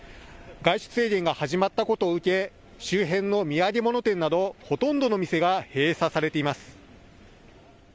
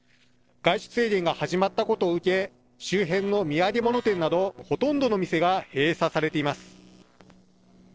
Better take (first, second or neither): first